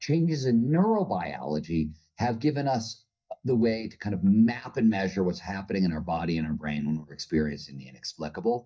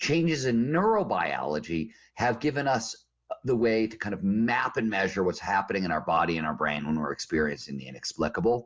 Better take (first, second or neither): second